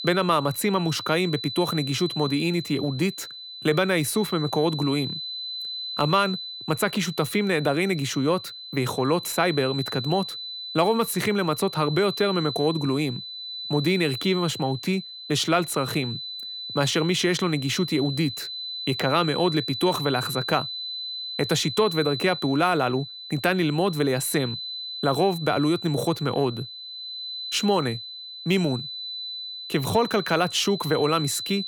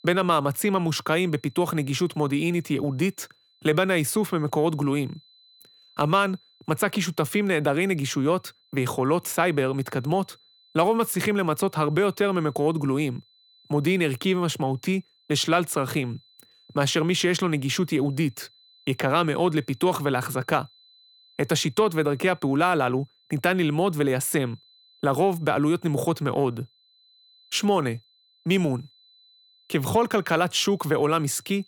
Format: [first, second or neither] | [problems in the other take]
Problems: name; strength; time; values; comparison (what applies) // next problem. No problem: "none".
second | high-pitched whine; loud; throughout; 4 kHz, 8 dB below the speech; faint in the second